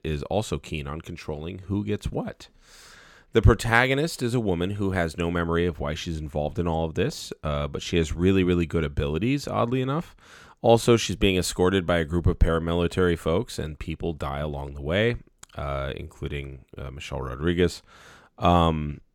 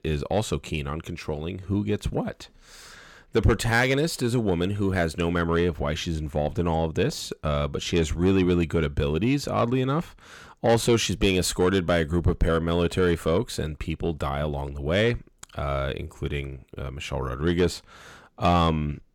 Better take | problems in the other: first | distortion; slight; 10 dB below the speech

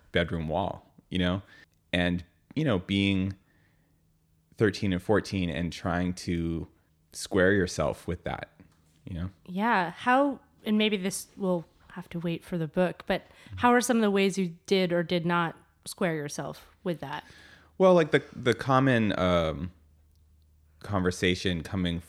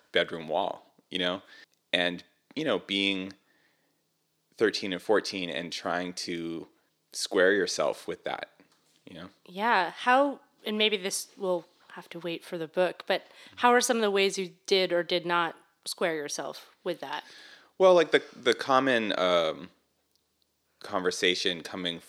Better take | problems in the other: first | thin; somewhat; fading below 400 Hz

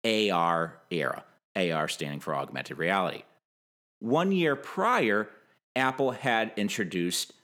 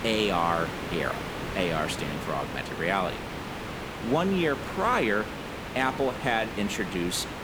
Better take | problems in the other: first | hiss; loud; throughout; 7 dB below the speech

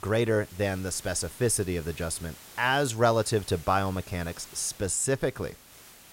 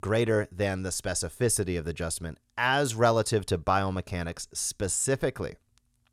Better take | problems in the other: second | hiss; noticeable; throughout; 20 dB below the speech

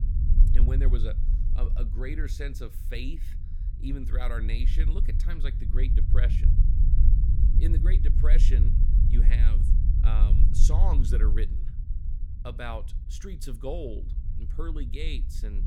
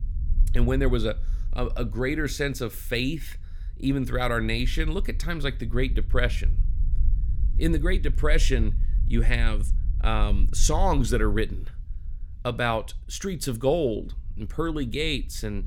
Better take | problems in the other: second | low rumble; loud; throughout; 5 dB below the speech; faint in the second

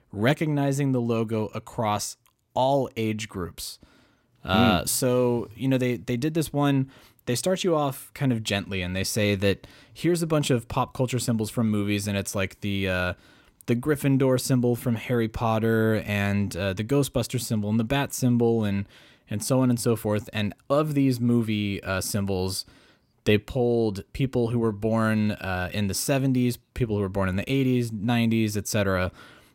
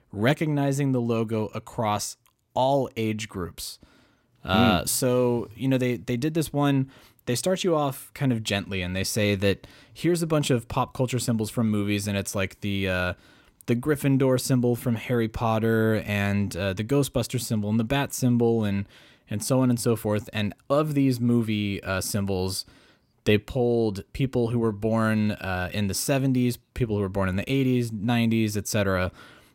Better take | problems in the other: neither | none

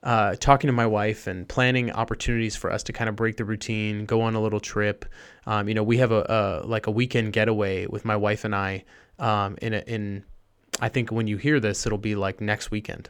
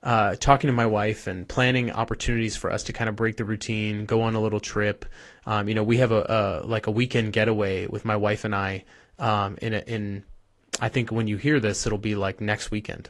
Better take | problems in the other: first | garbled, watery; slightly

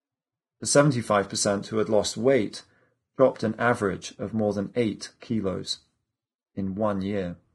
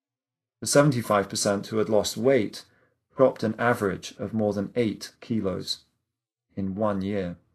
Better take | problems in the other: second | garbled, watery; badly; slightly in the second

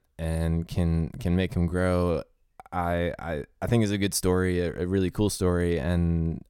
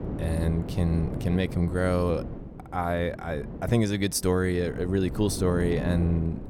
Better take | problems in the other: first | wind noise on the microphone; occasional gusts; 10 dB below the speech

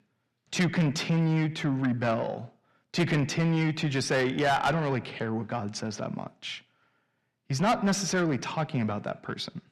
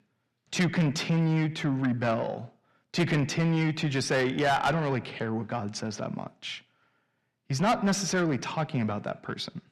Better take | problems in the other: neither | distortion; heavy; 7 dB below the speech; the same in both

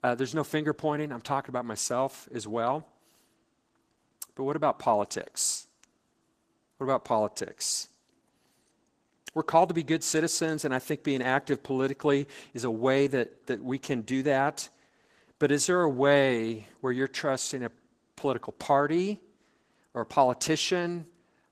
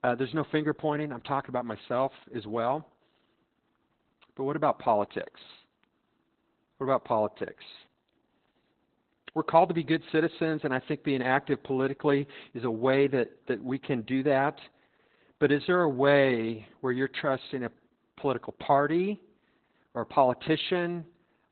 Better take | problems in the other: first | garbled, watery; badly; nothing above 4 kHz; slightly in the first

